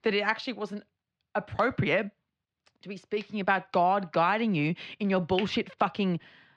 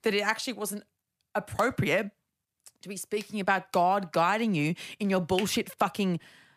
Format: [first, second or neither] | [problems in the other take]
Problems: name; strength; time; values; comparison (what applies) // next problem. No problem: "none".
second | muffled; very slightly; fading above 4 kHz